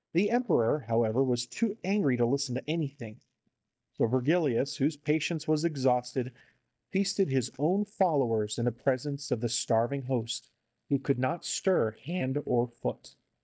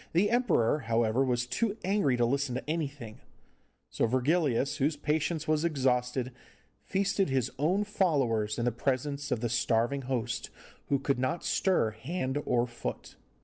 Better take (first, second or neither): second